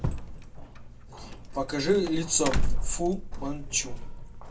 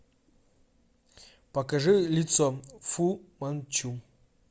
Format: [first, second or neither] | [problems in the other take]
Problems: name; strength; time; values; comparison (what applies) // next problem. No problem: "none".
second | background sound (Doorbell); 1 dB above the speech // room echo; dies away in 0.1 s